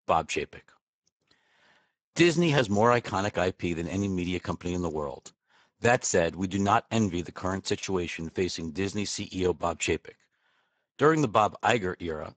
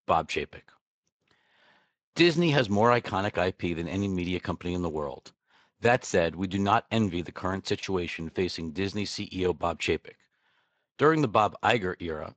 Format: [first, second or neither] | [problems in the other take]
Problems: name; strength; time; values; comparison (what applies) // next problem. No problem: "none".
second | garbled, watery; badly; nothing above 7.5 kHz; slightly in the second